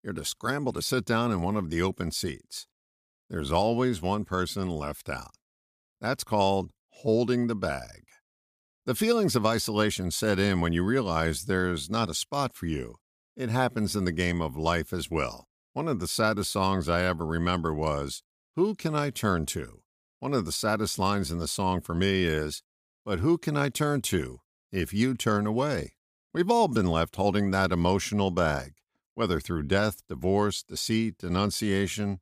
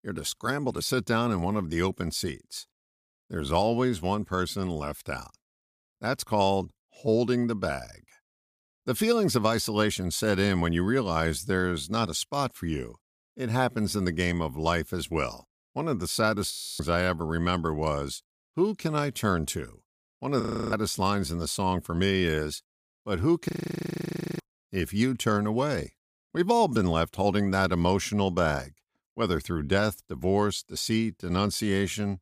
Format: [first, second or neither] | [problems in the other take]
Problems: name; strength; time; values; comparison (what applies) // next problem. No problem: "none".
first | audio freezing; at 17 s, at 20 s and at 23 s for 1 s